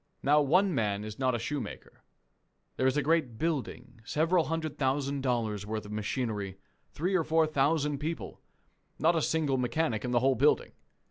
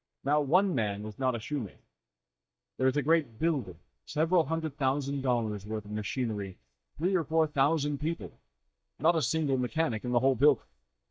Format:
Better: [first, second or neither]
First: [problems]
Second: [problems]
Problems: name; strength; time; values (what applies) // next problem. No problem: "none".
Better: first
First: none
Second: noise reduction (neural mask model DeepFilterNet 3)